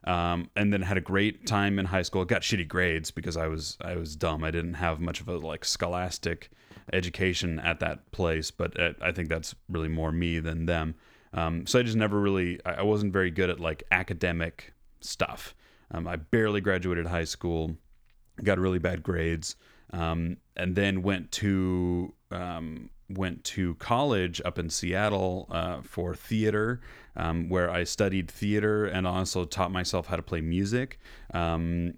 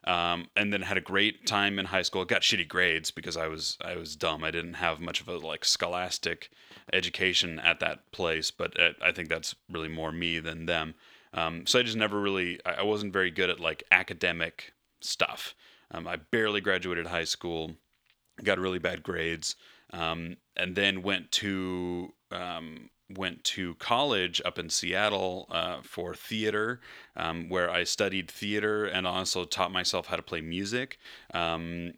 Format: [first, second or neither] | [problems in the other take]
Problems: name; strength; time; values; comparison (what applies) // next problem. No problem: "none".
first | thin; somewhat; fading below 450 Hz